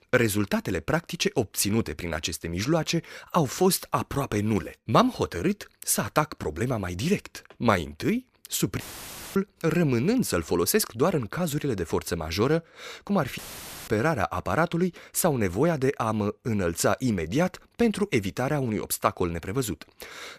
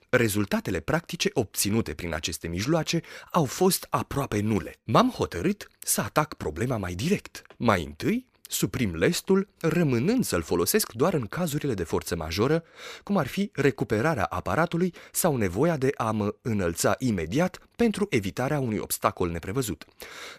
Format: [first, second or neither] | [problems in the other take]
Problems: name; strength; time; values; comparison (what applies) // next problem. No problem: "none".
second | audio cutting out; filled with static; at 9 s for 0.5 s and at 13 s for 0.5 s